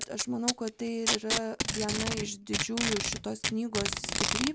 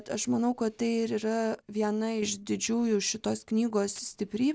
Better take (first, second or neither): second